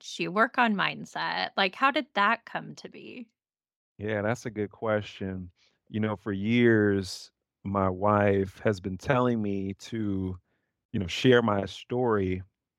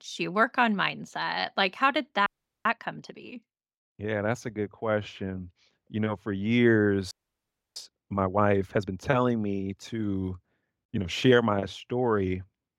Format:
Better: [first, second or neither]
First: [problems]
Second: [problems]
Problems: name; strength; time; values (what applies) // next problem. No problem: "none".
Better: first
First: none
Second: audio freezing; at 2.5 s and at 7 s for 0.5 s